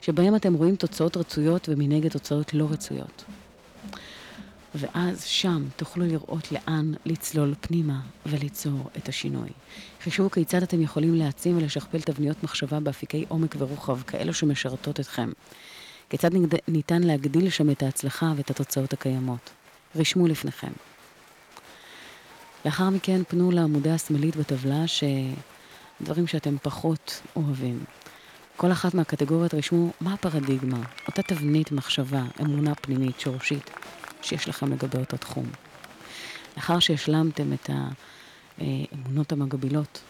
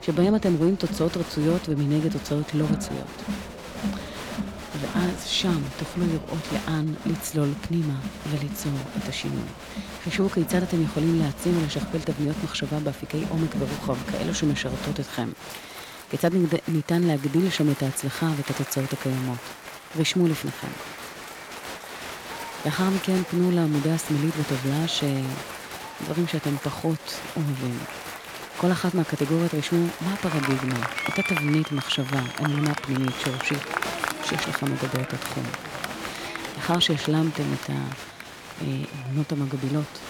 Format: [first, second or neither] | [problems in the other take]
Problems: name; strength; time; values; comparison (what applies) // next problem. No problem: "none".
first | crowd noise; loud; throughout; 8 dB below the speech; faint in the first